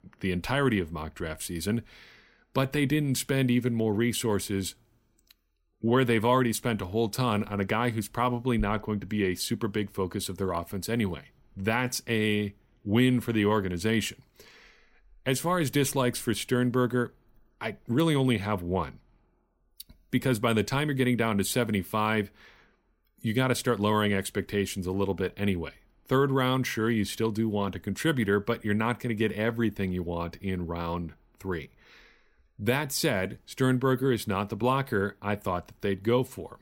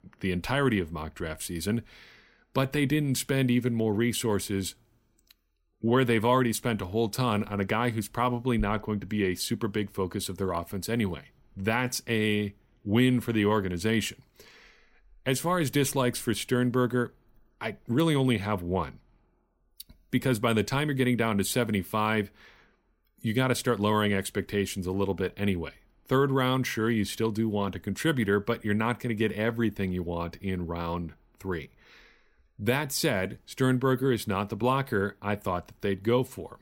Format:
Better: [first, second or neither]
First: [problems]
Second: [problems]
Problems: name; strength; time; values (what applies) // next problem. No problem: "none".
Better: neither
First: none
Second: none